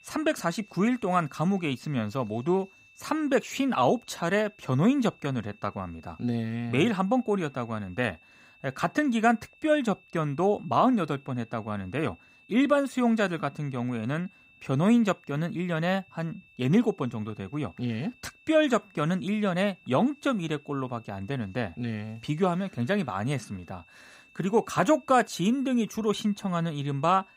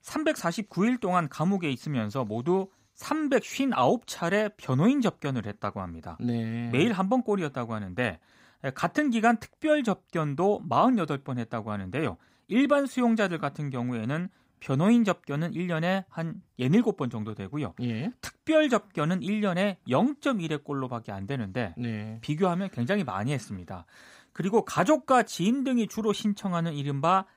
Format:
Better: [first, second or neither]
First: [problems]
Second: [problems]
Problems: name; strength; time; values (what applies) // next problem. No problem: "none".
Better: second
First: high-pitched whine; faint; throughout; 2.5 kHz, 30 dB below the speech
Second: none